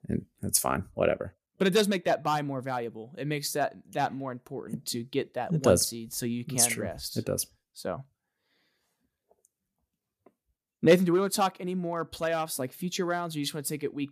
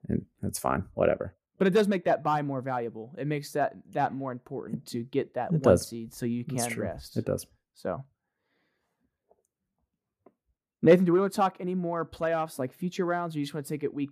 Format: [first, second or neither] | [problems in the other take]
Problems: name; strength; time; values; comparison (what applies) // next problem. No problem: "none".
first | muffled; slightly; fading above 2.5 kHz